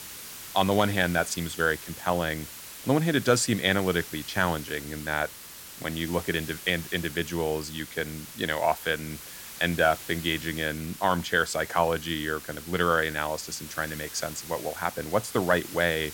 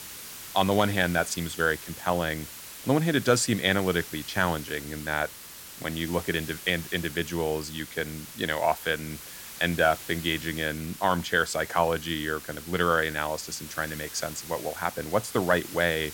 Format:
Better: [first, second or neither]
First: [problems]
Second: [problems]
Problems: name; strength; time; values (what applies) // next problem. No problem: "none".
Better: neither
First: hiss; noticeable; throughout; 10 dB below the speech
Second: hiss; noticeable; throughout; 10 dB below the speech